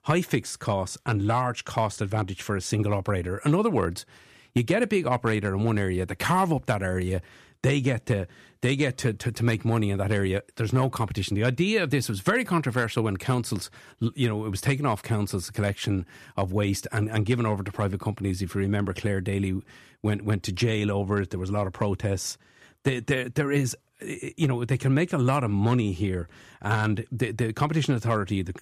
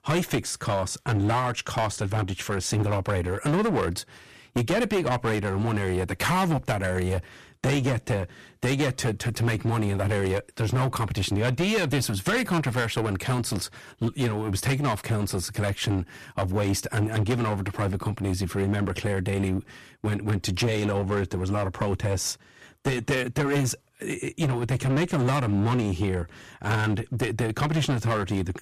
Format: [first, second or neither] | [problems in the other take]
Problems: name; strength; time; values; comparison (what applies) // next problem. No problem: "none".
first | distortion; heavy; 15% of the sound clipped